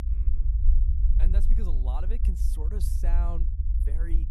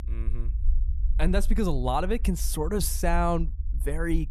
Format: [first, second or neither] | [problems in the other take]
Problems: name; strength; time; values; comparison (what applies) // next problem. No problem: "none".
second | low rumble; loud; throughout; 4 dB below the speech; faint in the second